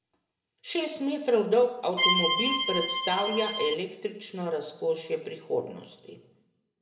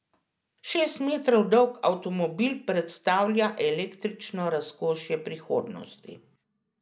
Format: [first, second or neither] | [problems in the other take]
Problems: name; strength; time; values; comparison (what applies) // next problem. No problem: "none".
second | background sound (Accordion); 2 dB above the speech // room echo; dies away in 0.8 s